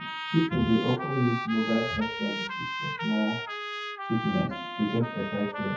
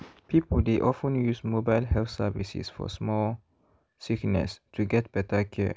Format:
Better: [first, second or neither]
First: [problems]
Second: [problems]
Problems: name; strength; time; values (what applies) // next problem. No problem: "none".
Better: second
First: noise reduction (classical method WPE with log-MMSE)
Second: none